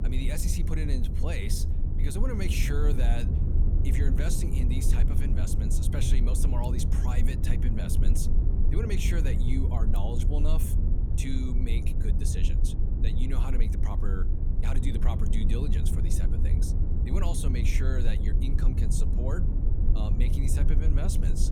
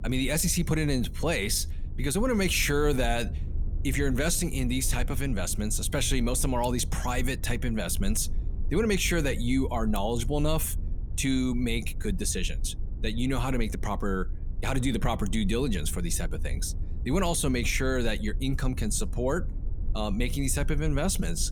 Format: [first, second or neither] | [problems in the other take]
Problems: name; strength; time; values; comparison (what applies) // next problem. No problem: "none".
second | low rumble; loud; throughout; 3 dB below the speech; faint in the second